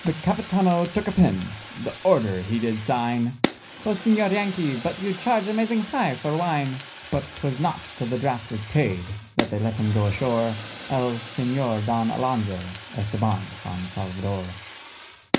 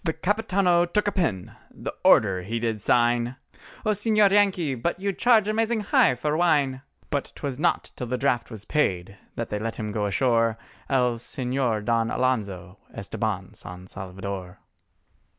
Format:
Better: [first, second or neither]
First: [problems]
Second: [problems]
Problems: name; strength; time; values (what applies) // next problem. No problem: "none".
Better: second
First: background sound (Fire); 11 dB below the speech // room echo; dies away in 0.4 s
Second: none